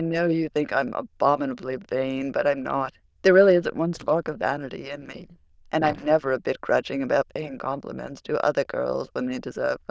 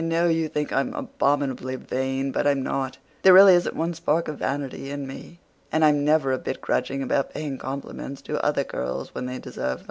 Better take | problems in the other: second | noise reduction (neural diffusion model UNIVERSE++)

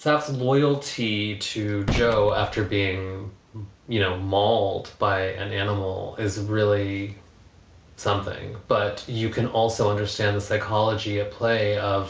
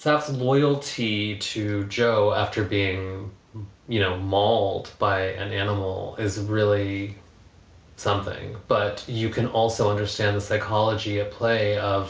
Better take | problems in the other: second | background sound (Gunshot, gunfire); 10 dB below the speech

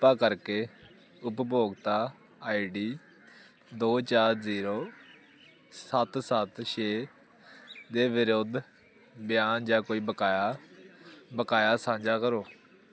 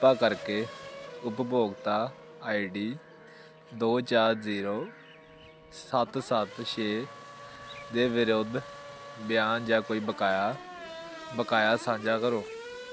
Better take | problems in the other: first | background sound (Race car, auto racing / Accelerating, revving, vroom); 15 dB below the speech

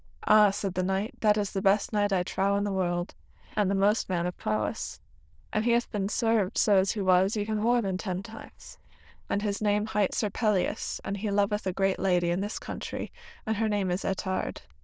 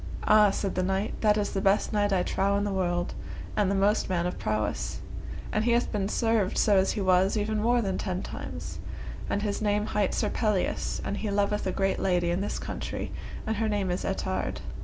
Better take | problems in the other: second | noise reduction (neural diffusion model UNIVERSE++)

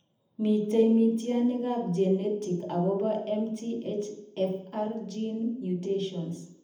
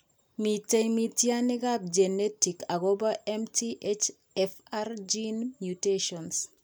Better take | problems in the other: second | room echo; dies away in 0.8 s

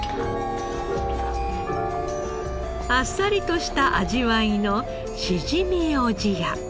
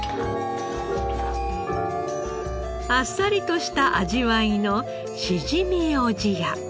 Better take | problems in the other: second | background sound (Bird); 12 dB below the speech

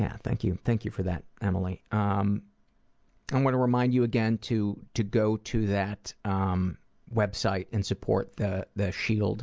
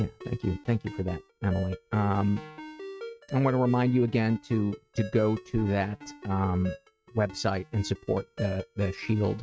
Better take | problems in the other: first | noise reduction (neural mask model RNNoise)

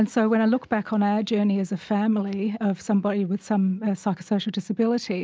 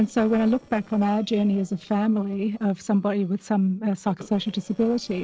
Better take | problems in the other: first | noise reduction (neural separator model SepFormer DNS4)

